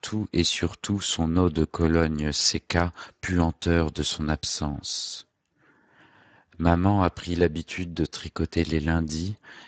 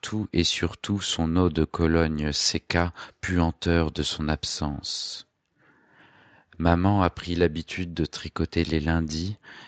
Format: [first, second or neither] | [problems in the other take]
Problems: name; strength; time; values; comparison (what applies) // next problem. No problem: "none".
second | garbled, watery; badly; nothing above 7.5 kHz; slightly in the second